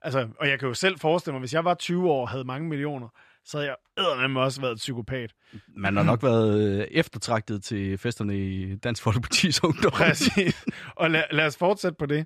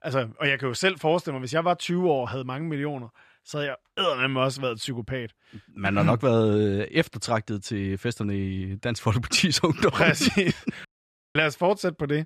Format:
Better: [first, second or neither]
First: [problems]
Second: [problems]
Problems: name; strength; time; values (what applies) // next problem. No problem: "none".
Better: first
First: none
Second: audio cutting out; at 11 s for 0.5 s